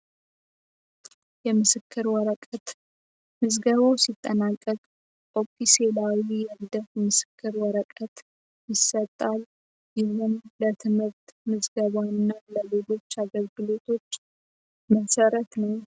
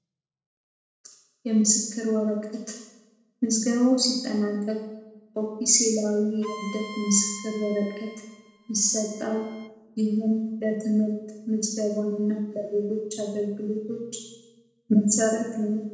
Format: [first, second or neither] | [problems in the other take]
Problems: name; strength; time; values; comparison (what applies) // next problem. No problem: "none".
first | background sound (Bowed string instrument); 17 dB below the speech // room echo; dies away in 1 s